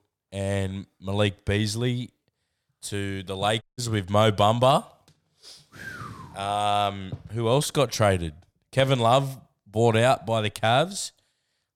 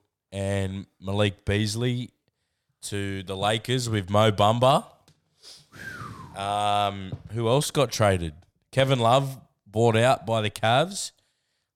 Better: second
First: audio cutting out; at 3.5 s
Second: none

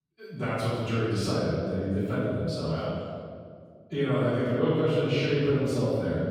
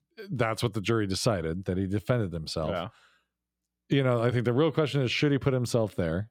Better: second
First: room echo; strong; dies away in 2 s // off-mic speech; far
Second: none

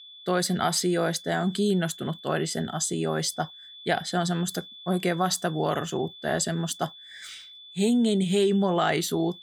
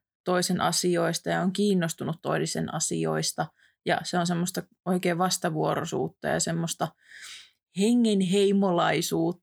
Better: second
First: high-pitched whine; noticeable; throughout; 3.5 kHz, 15 dB below the speech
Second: none

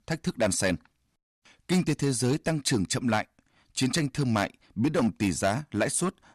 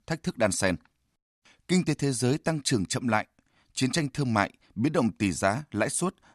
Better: second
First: distortion; slight; 4% of the sound clipped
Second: none

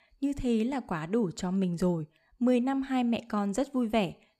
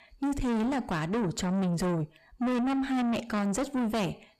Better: first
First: none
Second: distortion; heavy; 6 dB below the speech

